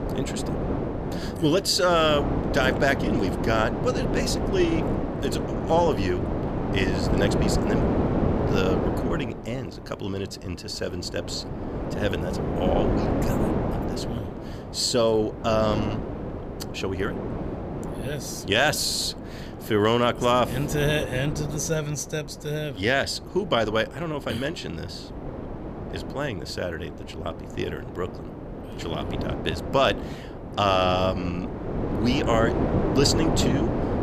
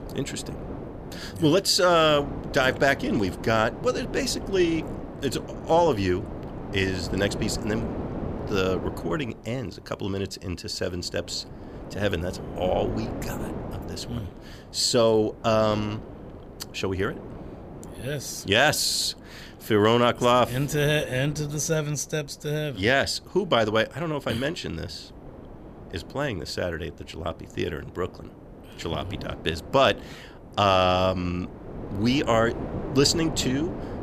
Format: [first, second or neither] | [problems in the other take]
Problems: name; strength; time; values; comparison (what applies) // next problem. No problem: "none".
second | wind noise on the microphone; heavy; 6 dB below the speech; occasional gusts in the second